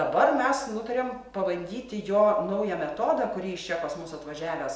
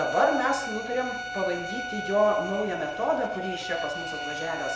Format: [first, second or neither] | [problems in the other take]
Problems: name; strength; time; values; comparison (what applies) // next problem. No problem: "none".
first | background sound (Bowed string instrument); 6 dB below the speech